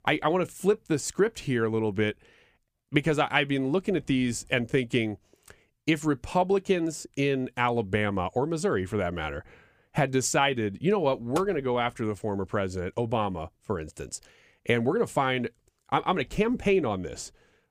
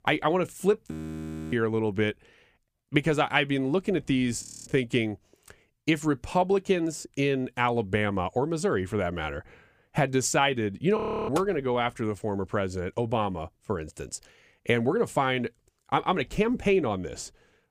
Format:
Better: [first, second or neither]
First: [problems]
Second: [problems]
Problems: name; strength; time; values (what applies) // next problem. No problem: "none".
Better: first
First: none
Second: audio freezing; at 1 s for 0.5 s, at 4.5 s and at 11 s